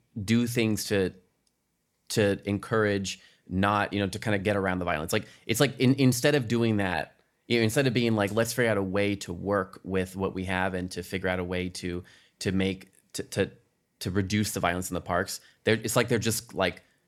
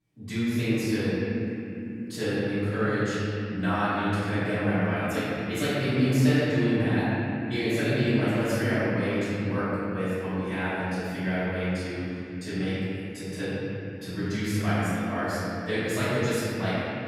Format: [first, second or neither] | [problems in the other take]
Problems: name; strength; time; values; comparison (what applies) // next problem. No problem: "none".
first | off-mic speech; far // room echo; strong; dies away in 3 s